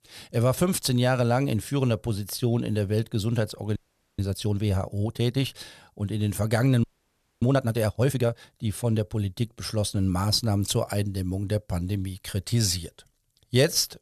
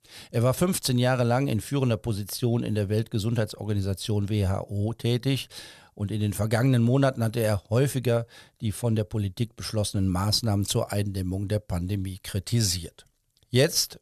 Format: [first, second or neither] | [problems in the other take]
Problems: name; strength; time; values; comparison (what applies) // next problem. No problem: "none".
second | audio freezing; at 4 s and at 7 s for 0.5 s